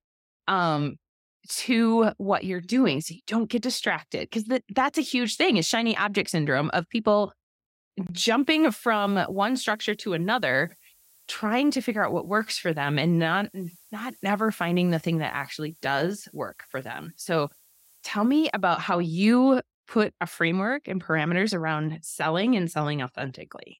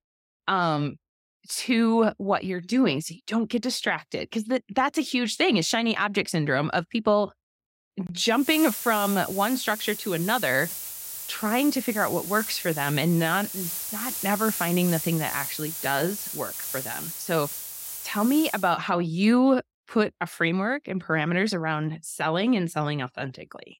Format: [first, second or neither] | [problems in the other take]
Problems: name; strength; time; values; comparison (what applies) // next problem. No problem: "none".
first | hiss; loud; from 8.5 to 19 s; 7 dB below the speech; faint in the first